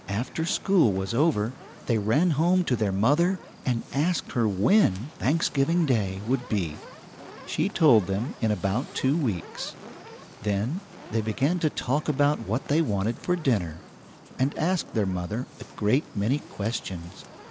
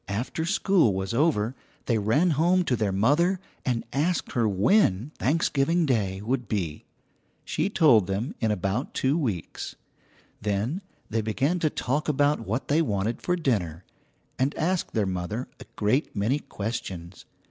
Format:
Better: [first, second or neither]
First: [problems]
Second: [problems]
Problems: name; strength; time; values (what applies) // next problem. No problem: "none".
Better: second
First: background sound (Fire); 19 dB below the speech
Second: none